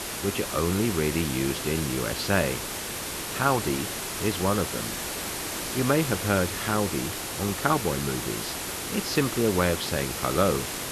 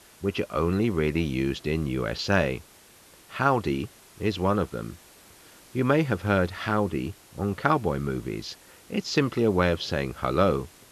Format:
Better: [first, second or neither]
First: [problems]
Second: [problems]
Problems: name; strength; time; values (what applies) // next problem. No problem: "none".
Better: second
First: hiss; loud; throughout; 3 dB below the speech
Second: hiss; faint; throughout; 25 dB below the speech